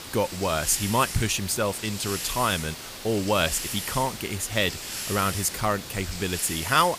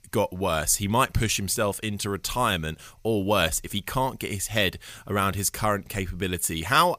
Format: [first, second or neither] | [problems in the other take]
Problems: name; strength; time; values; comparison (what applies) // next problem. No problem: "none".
second | hiss; loud; throughout; 7 dB below the speech